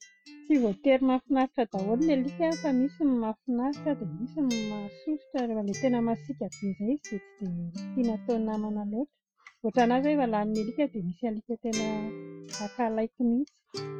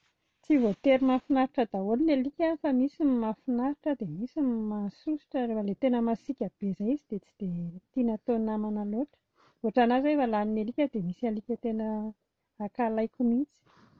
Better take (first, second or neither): second